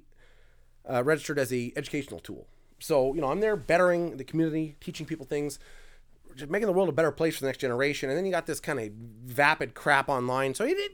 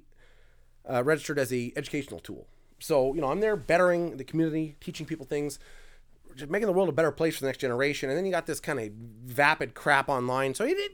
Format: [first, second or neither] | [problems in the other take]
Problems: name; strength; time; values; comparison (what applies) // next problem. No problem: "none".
neither | none